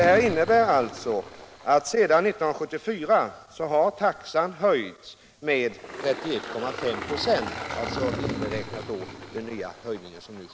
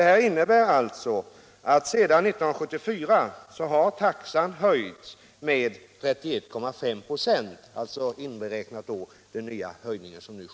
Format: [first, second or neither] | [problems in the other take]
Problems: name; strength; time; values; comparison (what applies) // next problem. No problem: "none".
second | background sound (Engine); 11 dB below the speech